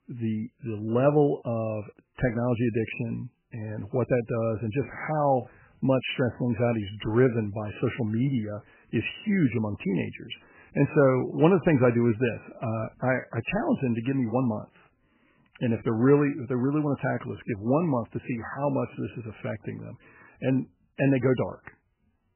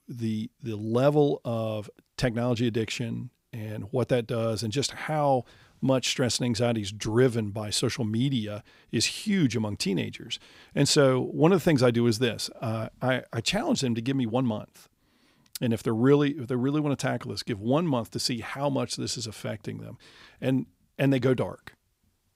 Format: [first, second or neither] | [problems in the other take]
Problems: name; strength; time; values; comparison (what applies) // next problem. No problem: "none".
second | garbled, watery; badly; nothing above 3 kHz